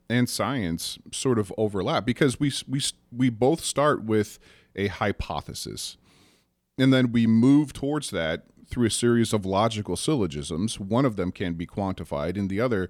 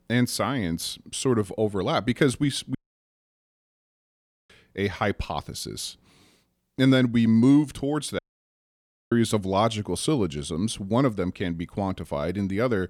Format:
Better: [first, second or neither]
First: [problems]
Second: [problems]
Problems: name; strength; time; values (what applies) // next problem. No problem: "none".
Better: first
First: none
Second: audio cutting out; at 3 s for 1.5 s and at 8 s for 1 s